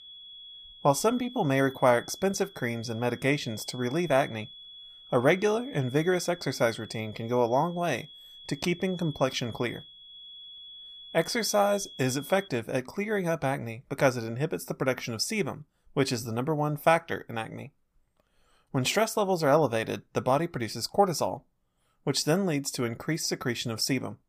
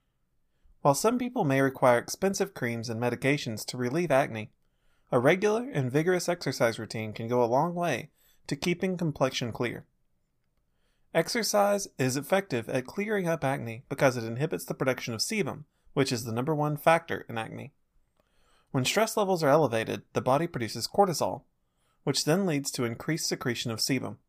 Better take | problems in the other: second | high-pitched whine; noticeable; until 12 s; 3.5 kHz, 15 dB below the speech

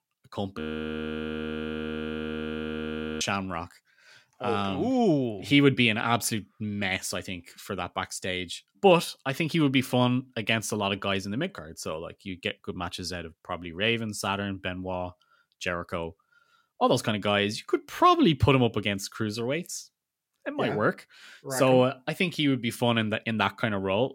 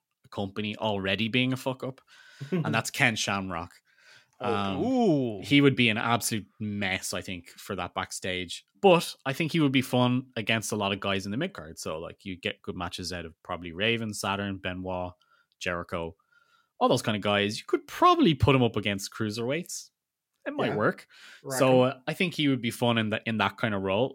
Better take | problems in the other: second | audio freezing; at 0.5 s for 2.5 s

